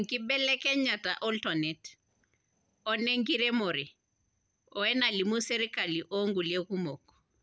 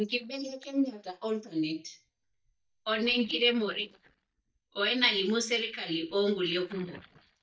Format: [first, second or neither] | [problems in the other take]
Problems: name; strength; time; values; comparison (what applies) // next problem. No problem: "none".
first | noise reduction (neural mask model DeepFilterNet 3)